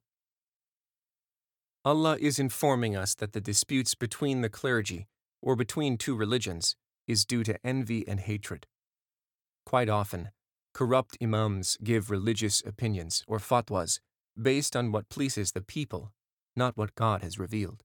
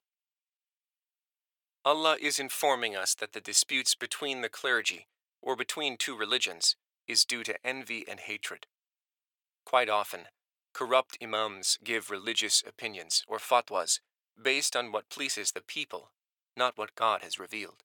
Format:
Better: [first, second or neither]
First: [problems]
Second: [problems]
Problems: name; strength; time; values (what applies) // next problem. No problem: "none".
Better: first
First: none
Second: thin; very; fading below 650 Hz